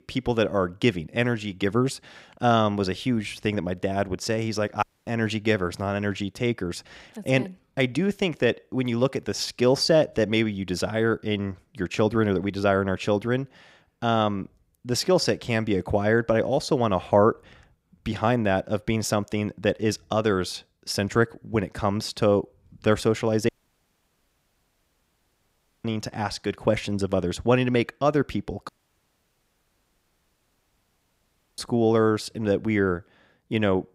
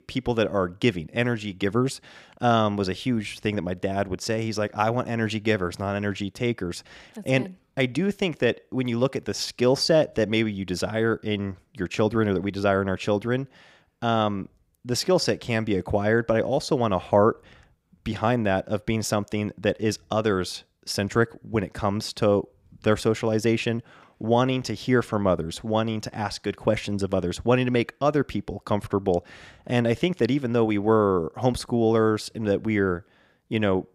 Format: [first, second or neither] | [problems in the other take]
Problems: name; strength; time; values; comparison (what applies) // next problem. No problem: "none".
second | audio cutting out; at 5 s, at 23 s for 2.5 s and at 29 s for 3 s